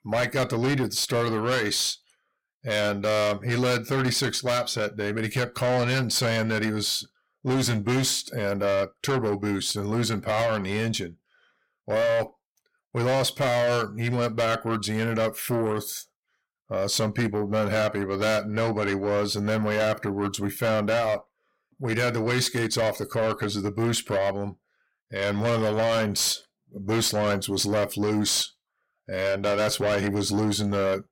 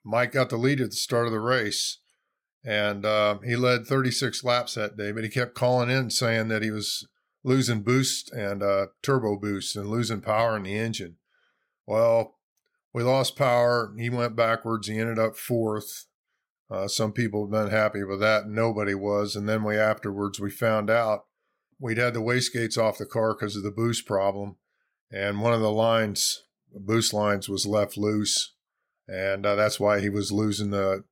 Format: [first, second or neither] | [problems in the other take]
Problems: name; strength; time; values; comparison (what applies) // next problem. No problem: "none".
second | distortion; heavy; 8 dB below the speech